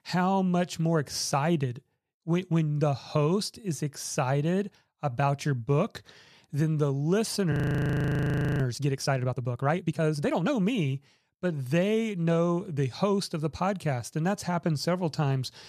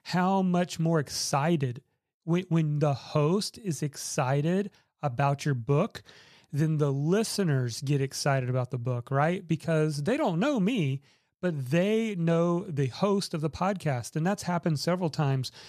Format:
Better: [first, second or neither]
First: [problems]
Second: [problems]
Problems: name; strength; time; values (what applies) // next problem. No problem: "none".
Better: second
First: audio freezing; at 7.5 s for 1 s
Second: none